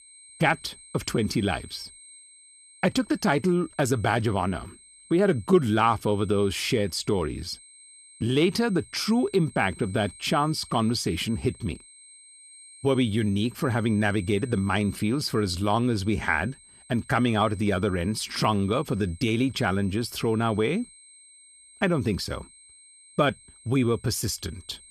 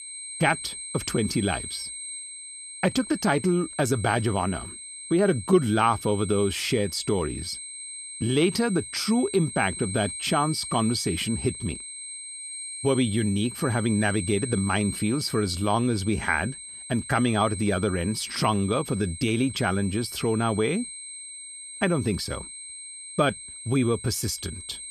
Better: first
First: high-pitched whine; faint; throughout; 8.5 kHz, 20 dB below the speech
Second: high-pitched whine; loud; throughout; 8.5 kHz, 10 dB below the speech

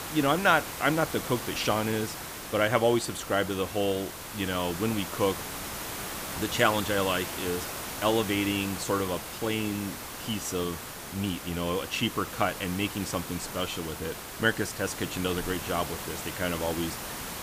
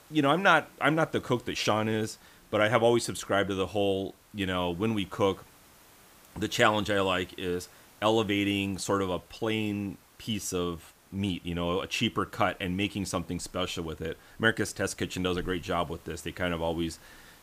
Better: second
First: hiss; loud; throughout; 7 dB below the speech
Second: hiss; faint; throughout; 25 dB below the speech

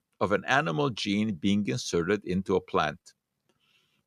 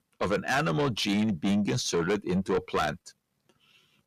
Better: first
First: none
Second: distortion; heavy; 7 dB below the speech

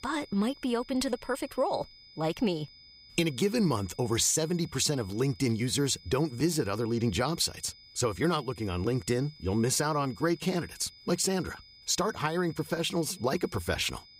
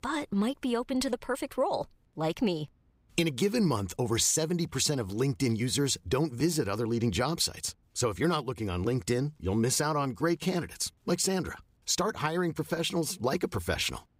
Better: second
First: high-pitched whine; faint; throughout; 5 kHz, 20 dB below the speech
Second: none

